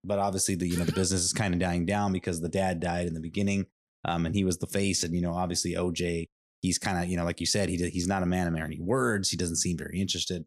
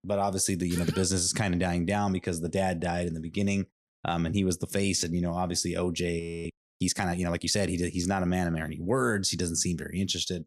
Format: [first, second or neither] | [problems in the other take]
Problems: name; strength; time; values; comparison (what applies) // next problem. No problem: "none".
first | audio freezing; at 6 s